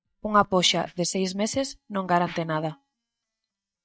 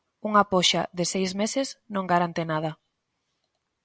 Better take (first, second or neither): second